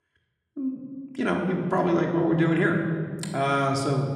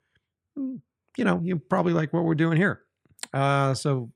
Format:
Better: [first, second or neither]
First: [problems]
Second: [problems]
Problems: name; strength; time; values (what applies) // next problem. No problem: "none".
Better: second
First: room echo; noticeable; dies away in 1.6 s // off-mic speech; somewhat distant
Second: none